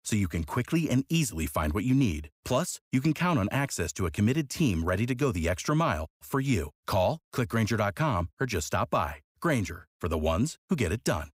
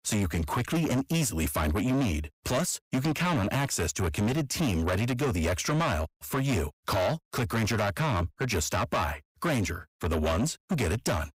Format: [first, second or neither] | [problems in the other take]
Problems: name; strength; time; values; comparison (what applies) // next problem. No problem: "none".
first | distortion; heavy; 7 dB below the speech